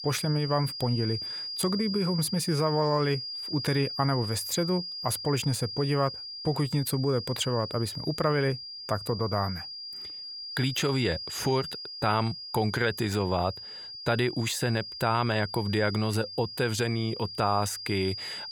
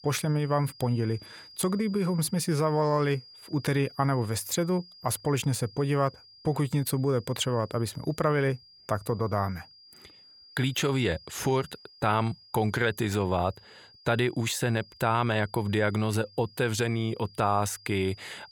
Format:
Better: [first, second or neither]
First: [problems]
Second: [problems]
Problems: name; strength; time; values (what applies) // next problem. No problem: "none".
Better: second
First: high-pitched whine; loud; throughout; 5 kHz, 7 dB below the speech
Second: high-pitched whine; faint; throughout; 5 kHz, 20 dB below the speech